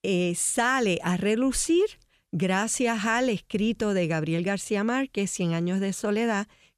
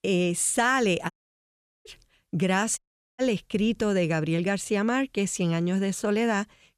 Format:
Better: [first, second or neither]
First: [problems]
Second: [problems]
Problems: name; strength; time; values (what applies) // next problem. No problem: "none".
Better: first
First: none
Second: audio cutting out; at 1 s for 1 s and at 3 s